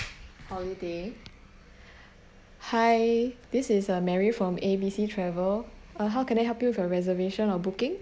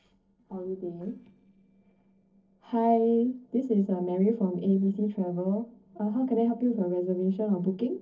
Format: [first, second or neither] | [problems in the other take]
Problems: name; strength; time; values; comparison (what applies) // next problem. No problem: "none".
first | noise reduction (neural separator model SepFormer DNS4)